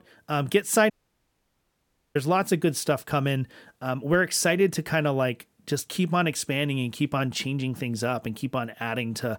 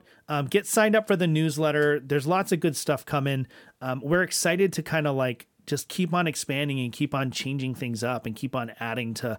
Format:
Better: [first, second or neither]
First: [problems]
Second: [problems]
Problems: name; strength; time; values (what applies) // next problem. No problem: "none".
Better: second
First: audio cutting out; at 1 s for 1.5 s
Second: none